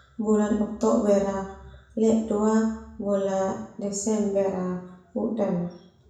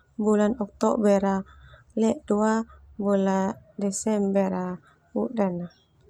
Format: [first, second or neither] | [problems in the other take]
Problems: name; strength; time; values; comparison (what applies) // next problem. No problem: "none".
second | room echo; dies away in 0.6 s